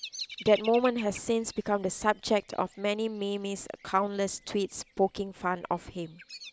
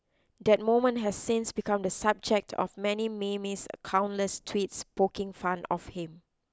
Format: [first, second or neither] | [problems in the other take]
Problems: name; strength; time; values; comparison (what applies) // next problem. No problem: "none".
second | background sound (Bird vocalization, bird call, bird song); 18 dB below the speech